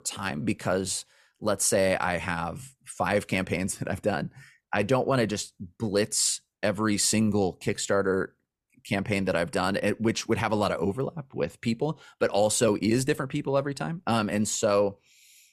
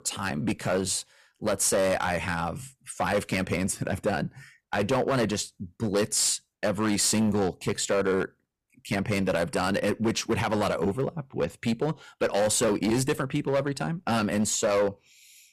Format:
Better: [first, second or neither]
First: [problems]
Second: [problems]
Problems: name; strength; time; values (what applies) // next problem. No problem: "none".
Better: first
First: none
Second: distortion; slight; 8% of the sound clipped